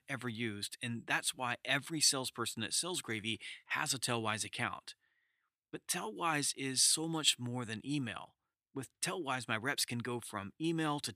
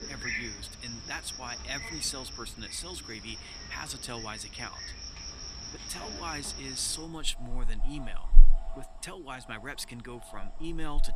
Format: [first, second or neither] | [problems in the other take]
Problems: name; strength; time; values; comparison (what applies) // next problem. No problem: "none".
first | animal sounds; very loud; throughout; 2 dB above the speech